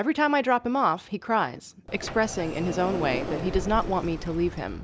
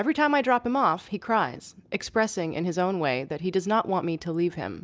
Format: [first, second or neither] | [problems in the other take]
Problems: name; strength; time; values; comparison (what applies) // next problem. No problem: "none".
second | background sound (Sliding door); 9 dB below the speech